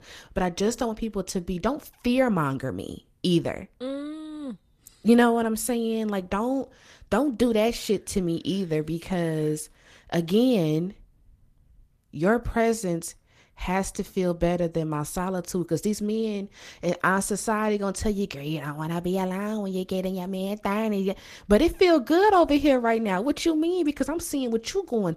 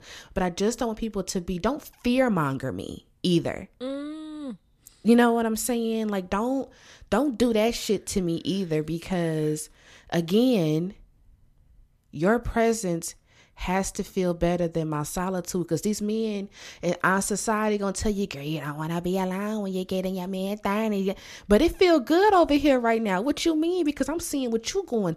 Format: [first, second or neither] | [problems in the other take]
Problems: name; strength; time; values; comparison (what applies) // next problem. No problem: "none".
second | garbled, watery; slightly; nothing above 14.5 kHz